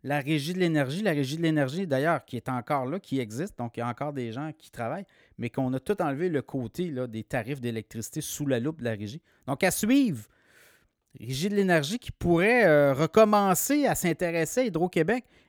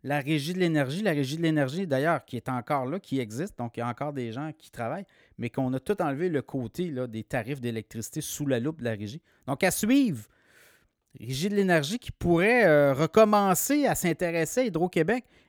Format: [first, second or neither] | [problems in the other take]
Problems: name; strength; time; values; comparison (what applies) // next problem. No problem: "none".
neither | none